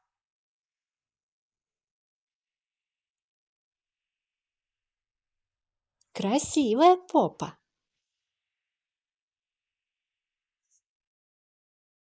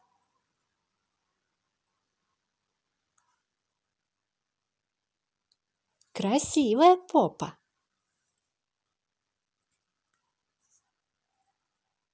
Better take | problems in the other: second | noise reduction (neural mask model Resemble Enhance denoiser)

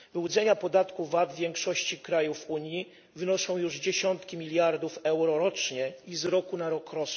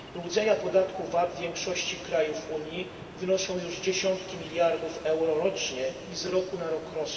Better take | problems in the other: first | background sound (Ocean); 16 dB below the speech // room echo; dies away in 2.3 s

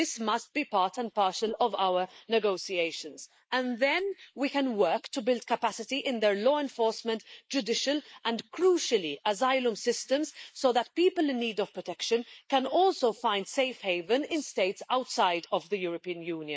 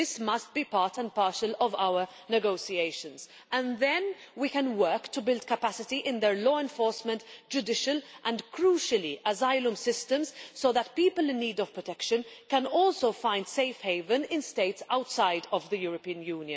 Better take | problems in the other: second | noise reduction (neural mask model Resemble Enhance denoiser)

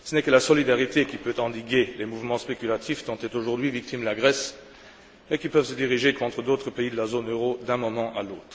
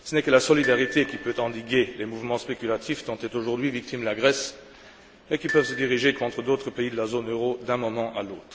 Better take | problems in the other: first | background sound (Glockenspiel); 13 dB below the speech

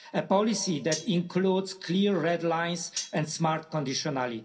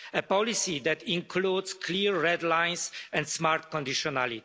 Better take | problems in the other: second | background sound (Cutlery, silverware); 14 dB below the speech // room echo; dies away in 0.3 s

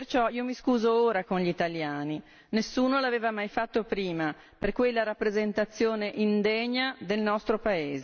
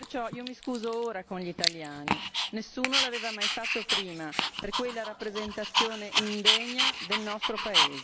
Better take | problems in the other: first | background sound (Dog); 5 dB above the speech

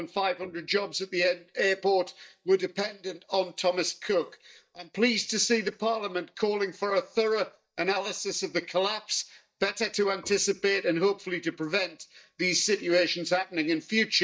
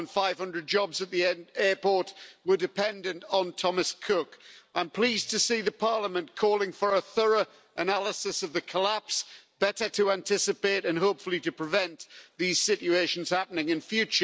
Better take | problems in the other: second | noise reduction (neural mask model DeepFilterNet 3)

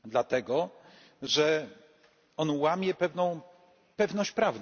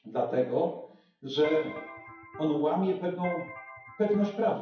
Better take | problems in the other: first | noise reduction (classical method WPE with log-MMSE)

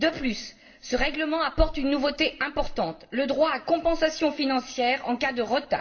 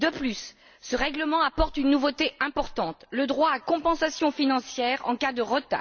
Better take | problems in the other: second | room echo; dies away in 0.4 s

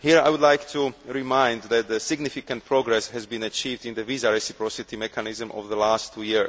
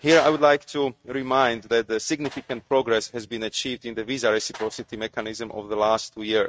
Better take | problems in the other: first | noise reduction (neural mask model RNNoise)

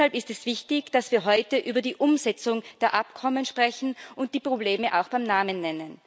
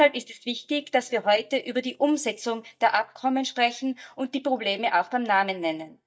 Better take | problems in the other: first | noise reduction (neural mask model DeepFilterNet 3)

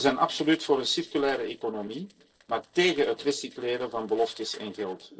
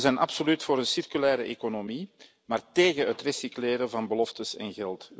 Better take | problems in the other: second | noise reduction (neural separator model SepFormer DNS4)

